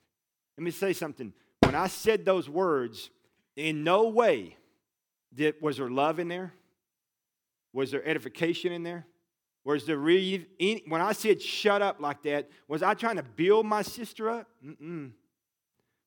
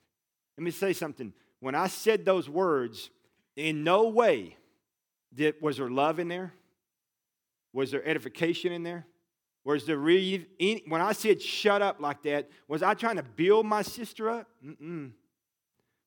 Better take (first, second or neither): second